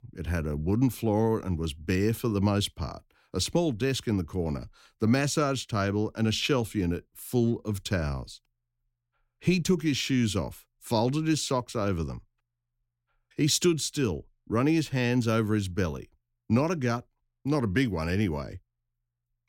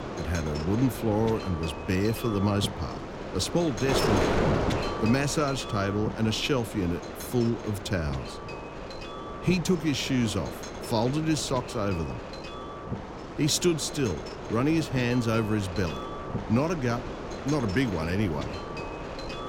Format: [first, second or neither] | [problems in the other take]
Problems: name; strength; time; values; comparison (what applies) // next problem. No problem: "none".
first | wind noise on the microphone; heavy; 4 dB below the speech